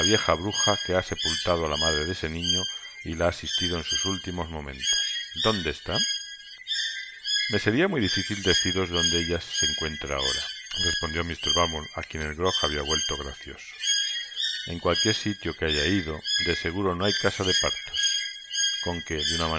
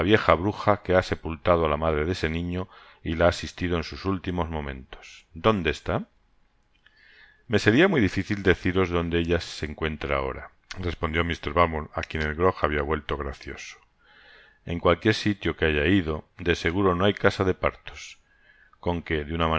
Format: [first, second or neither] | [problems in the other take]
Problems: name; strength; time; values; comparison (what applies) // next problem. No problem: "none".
second | background sound (Bird); as loud as the speech